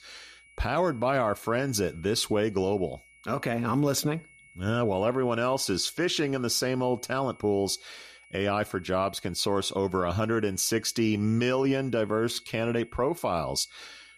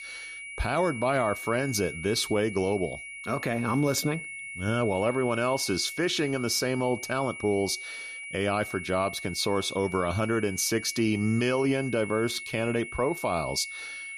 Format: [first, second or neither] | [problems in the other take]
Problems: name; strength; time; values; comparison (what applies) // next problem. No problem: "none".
first | high-pitched whine; loud; throughout; 2.5 kHz, 10 dB below the speech; faint in the first